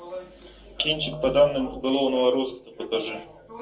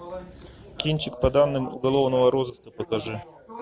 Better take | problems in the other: second | room echo; dies away in 0.2 s

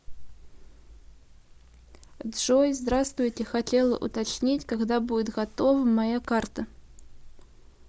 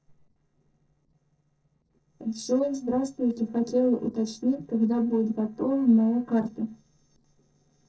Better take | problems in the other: first | noise reduction (neural separator model SepFormer DNS4)

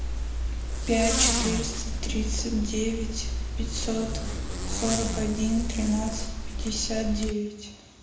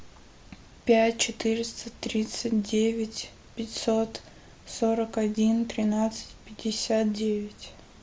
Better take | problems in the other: second | background sound (Zipper (clothing)); as loud as the speech // room echo; dies away in 0.9 s

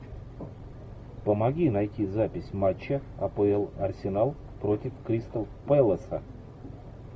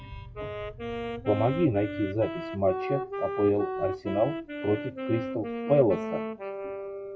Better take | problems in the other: first | noise reduction (classical method log-MMSE)

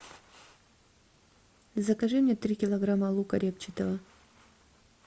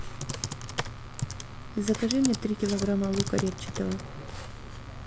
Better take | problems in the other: first | background sound (Computer keyboard); 5 dB below the speech

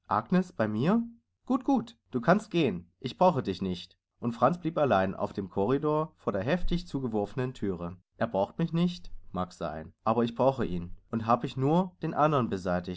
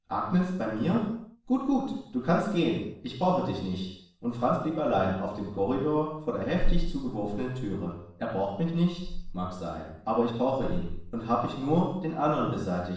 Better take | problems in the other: first | room echo; dies away in 0.6 s

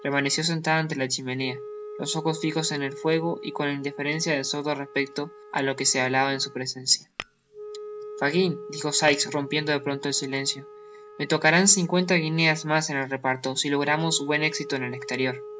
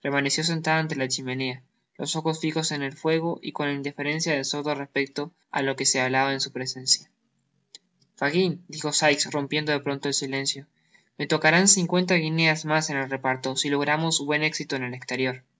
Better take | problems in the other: second | background sound (Tap / Glass + Wind instrument, woodwind instrument); 15 dB below the speech

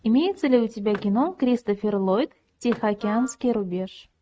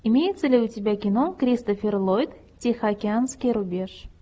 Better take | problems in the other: second | noise reduction (neural mask model RNNoise)

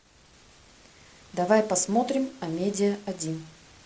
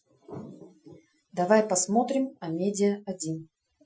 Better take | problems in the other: first | noise reduction (classical method Wiener filter)

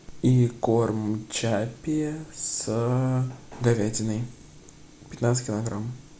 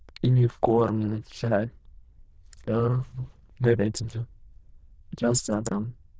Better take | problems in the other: first | noise reduction (neural diffusion model UNIVERSE++)

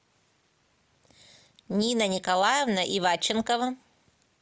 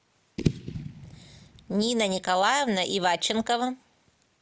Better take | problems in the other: first | background sound (Fireworks / Boom); 8 dB below the speech

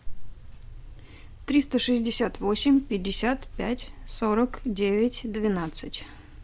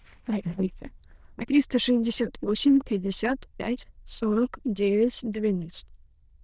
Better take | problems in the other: first | noise reduction (neural diffusion model UNIVERSE++)

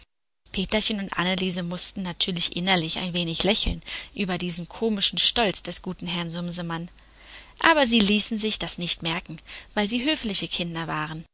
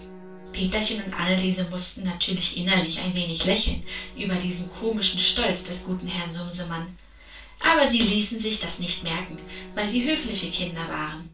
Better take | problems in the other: first | background sound (Bowed string instrument); 19 dB below the speech // room echo; dies away in 0.3 s

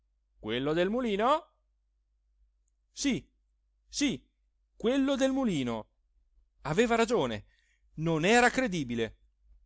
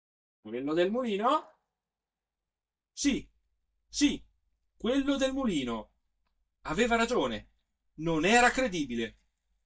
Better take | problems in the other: first | noise reduction (neural mask model DeepFilterNet 3)

